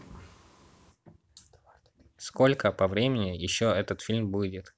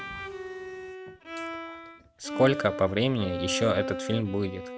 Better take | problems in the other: first | background sound (Bowed string instrument); 7 dB below the speech

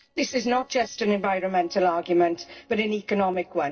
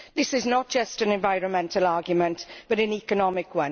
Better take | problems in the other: second | noise reduction (neural separator model SepFormer DNS4)

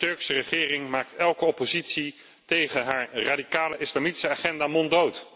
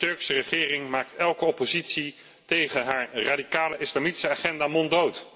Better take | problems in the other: first | room echo; dies away in 0.3 s

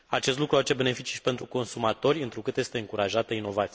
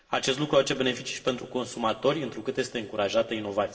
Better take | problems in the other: first | room echo; dies away in 2.9 s

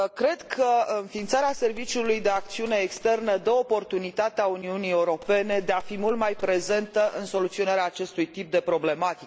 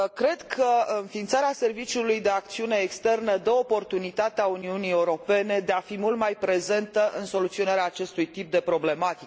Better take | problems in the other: second | background sound (Gunshot, gunfire); 14 dB below the speech

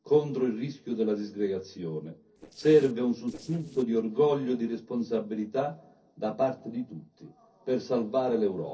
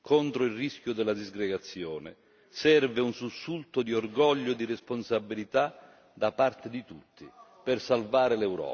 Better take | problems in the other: second | noise reduction (neural separator model SepFormer DNS4)

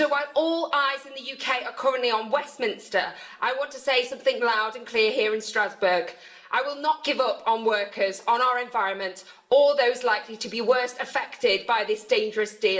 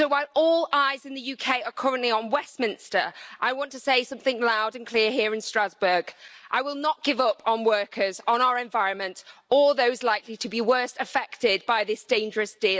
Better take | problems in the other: second | room echo; dies away in 0.5 s

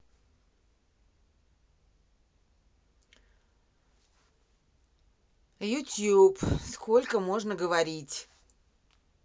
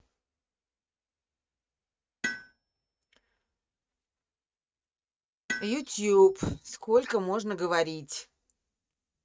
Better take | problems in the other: first | noise reduction (neural mask model RNNoise)

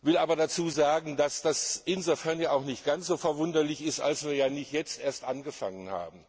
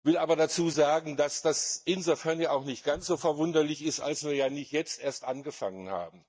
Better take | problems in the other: first | noise reduction (neural mask model DeepFilterNet 3)

